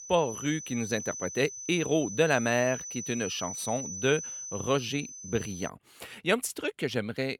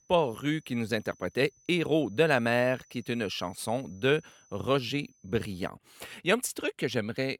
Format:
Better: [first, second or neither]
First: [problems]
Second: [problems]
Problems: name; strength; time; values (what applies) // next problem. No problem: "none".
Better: second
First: high-pitched whine; loud; until 5.5 s; 6 kHz, 8 dB below the speech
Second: high-pitched whine; faint; until 5.5 s; 6 kHz, 30 dB below the speech